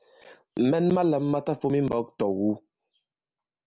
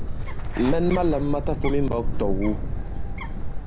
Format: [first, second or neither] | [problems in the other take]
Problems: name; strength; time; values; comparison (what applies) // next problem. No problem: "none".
first | background sound (Bird); 2 dB above the speech